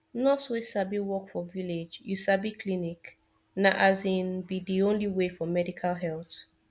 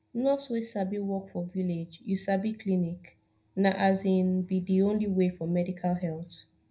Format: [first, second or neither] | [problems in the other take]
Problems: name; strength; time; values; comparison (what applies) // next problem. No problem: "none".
first | room echo; dies away in 0.4 s